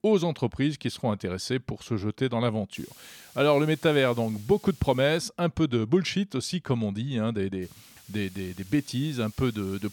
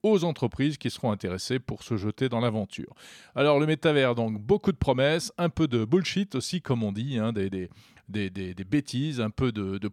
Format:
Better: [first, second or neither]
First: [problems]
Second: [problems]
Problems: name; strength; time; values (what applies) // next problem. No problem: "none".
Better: second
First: hiss; faint; from 2.5 to 5 s and from 7.5 s on; 20 dB below the speech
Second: none